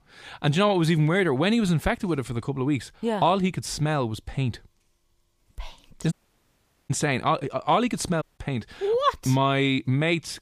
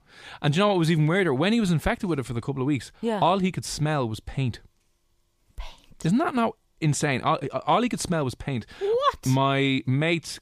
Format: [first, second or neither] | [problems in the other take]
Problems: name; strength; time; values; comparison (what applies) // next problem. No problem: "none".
second | audio cutting out; at 6 s for 1 s and at 8 s